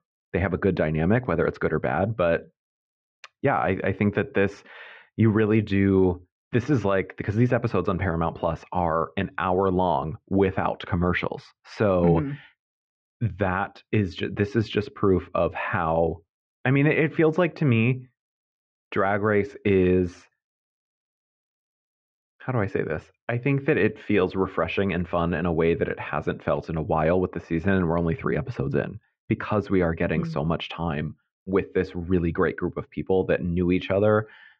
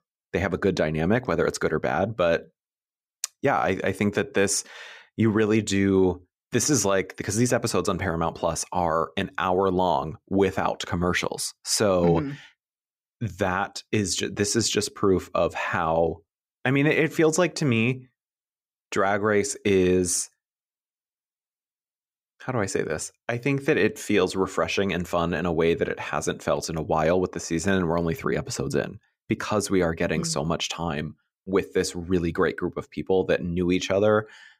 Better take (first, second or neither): second